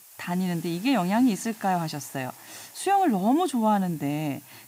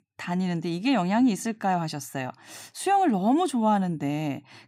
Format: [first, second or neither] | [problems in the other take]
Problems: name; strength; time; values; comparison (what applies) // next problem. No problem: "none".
second | hiss; noticeable; throughout; 20 dB below the speech